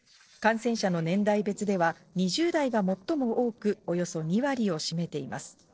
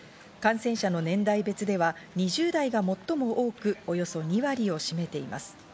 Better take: second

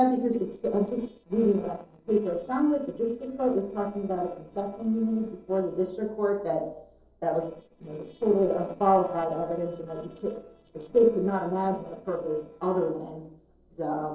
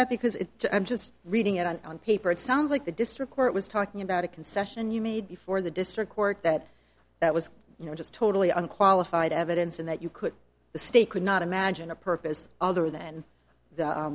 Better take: second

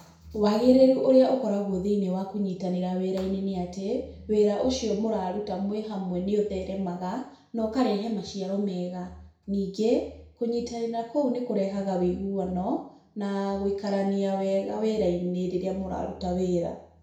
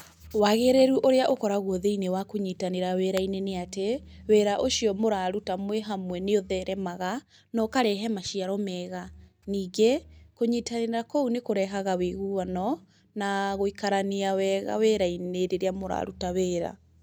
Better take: second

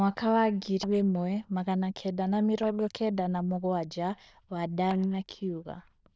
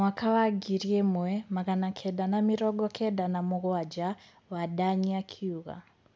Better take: second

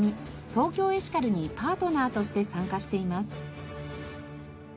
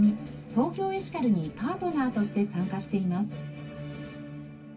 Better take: first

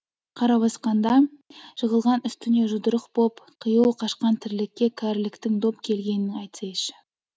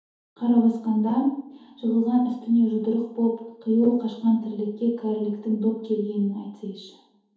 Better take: first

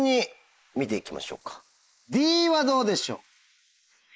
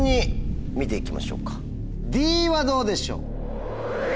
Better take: second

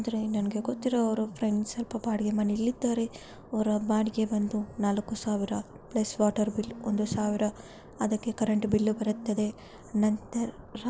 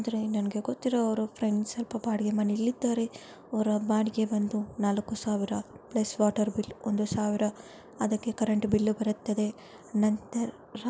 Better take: second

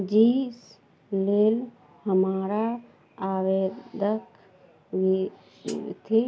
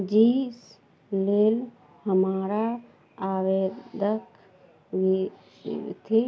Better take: second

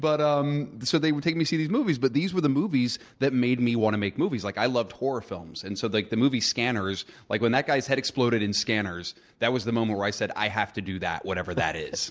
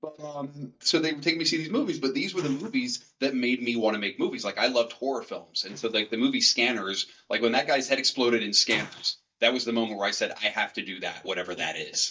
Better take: first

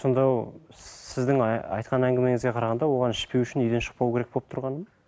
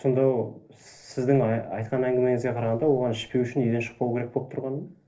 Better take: first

